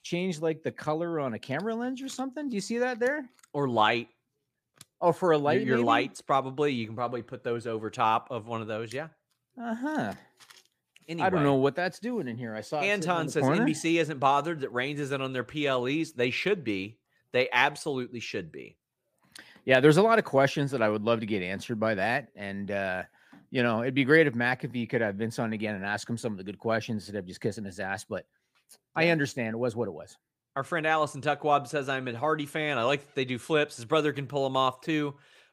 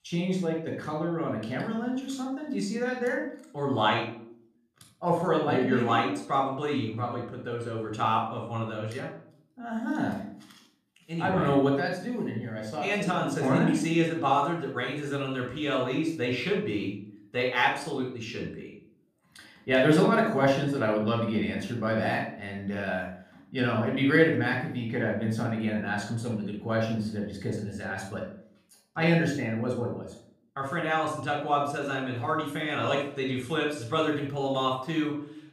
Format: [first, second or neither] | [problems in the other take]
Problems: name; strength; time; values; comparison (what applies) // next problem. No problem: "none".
first | off-mic speech; somewhat distant // room echo; noticeable; dies away in 0.5 s